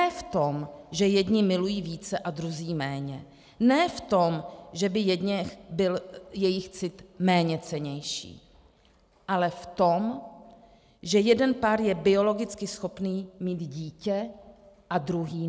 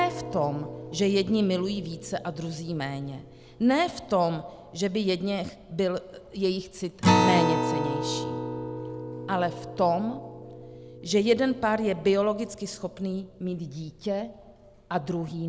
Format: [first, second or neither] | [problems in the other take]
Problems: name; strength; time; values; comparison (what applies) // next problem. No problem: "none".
first | background sound (Acoustic guitar); 5 dB below the speech